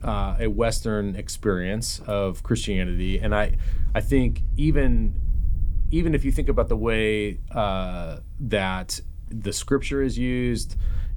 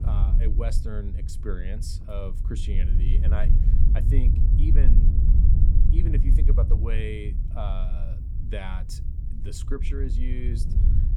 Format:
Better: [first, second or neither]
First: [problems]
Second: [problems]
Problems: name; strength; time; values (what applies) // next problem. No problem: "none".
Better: first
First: low rumble; faint; throughout; 25 dB below the speech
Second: low rumble; loud; throughout; 3 dB below the speech